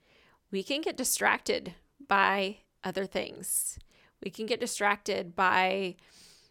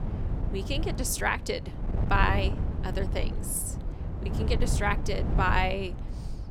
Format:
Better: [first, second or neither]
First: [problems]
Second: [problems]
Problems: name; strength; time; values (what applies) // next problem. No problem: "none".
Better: first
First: none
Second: wind noise on the microphone; occasional gusts; 10 dB below the speech